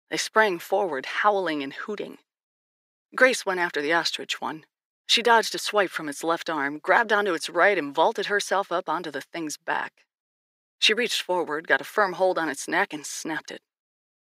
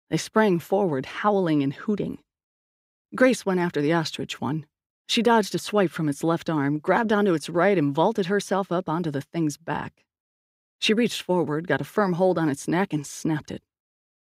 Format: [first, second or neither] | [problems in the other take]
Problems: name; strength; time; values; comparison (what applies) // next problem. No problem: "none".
second | thin; somewhat; fading below 500 Hz